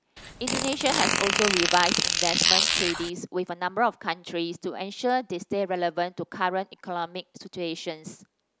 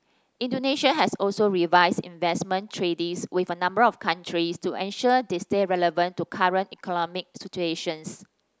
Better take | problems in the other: second | background sound (Fart); 3 dB above the speech

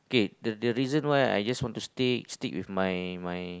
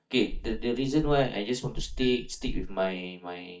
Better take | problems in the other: first | noise reduction (neural mask model DeepFilterNet 3)

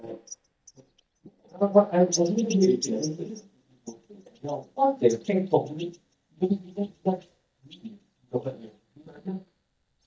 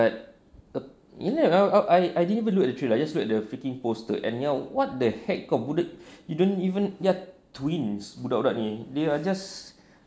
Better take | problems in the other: second | noise reduction (neural mask model DeepFilterNet 3)

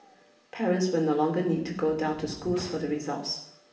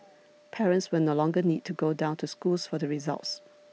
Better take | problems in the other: second | background sound (Sliding door); 18 dB below the speech // room echo; dies away in 0.6 s

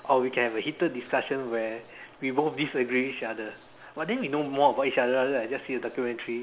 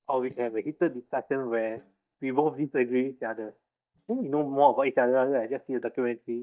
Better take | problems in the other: first | noise reduction (neural mask model DeepFilterNet 3)

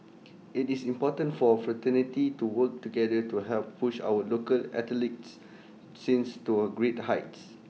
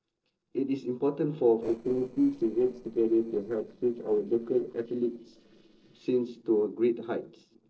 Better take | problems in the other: first | noise reduction (neural separator model SepFormer DNS4)

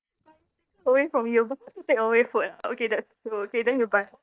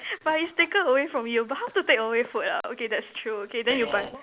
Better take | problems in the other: second | noise reduction (neural mask model DeepFilterNet 3)

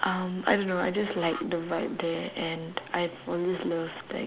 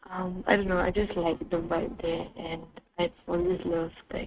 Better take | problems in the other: first | noise reduction (neural mask model RNNoise)

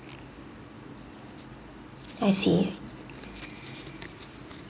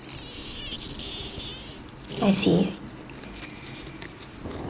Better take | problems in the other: first | background sound (Sink (filling or washing)); 10 dB below the speech

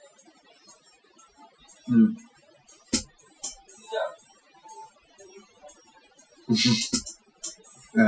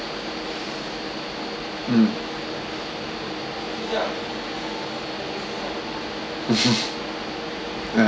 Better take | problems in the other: second | noise reduction (classical method Wiener filter)

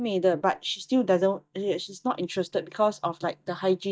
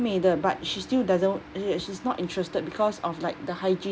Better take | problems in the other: second | noise reduction (neural mask model DeepFilterNet 3)

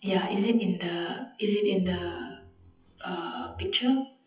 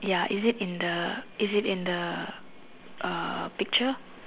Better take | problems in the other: second | noise reduction (classical method WPE with log-MMSE)

